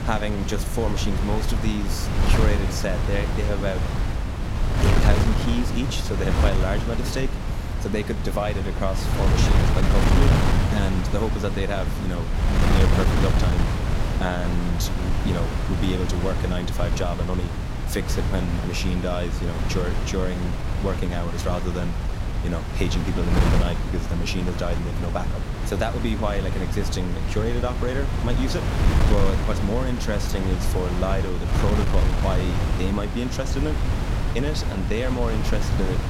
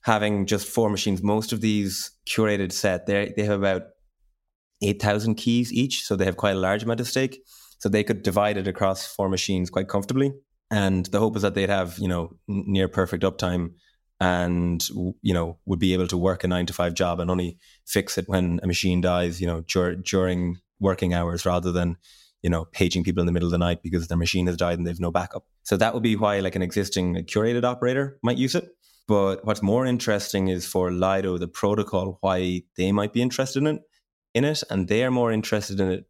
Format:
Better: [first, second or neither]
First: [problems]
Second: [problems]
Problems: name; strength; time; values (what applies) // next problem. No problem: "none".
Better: second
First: wind noise on the microphone; heavy; 1 dB below the speech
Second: none